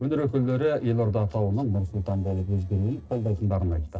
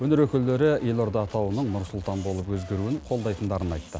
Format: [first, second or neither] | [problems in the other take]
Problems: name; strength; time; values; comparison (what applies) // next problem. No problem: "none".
second | noise reduction (neural separator model SepFormer DNS4)